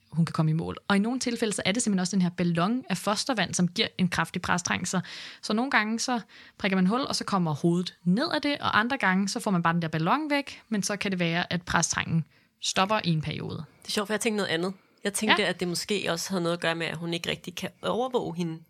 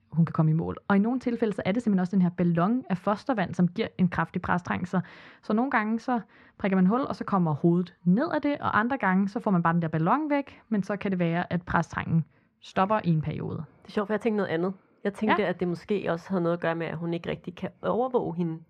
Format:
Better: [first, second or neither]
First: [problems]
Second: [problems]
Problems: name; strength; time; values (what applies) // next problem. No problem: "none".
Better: first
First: none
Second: muffled; very; fading above 3 kHz